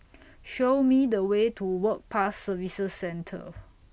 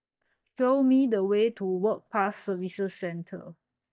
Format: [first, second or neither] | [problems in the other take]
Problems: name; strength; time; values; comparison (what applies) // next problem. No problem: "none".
first | noise reduction (neural mask model DeepFilterNet 3)